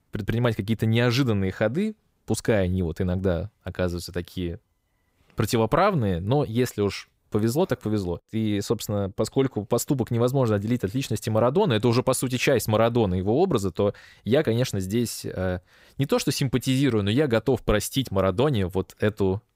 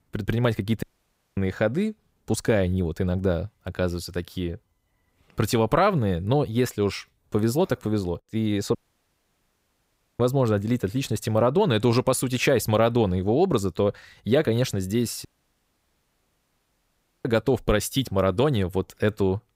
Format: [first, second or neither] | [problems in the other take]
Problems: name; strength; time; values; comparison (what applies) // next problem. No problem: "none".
first | audio cutting out; at 1 s for 0.5 s, at 9 s for 1.5 s and at 15 s for 2 s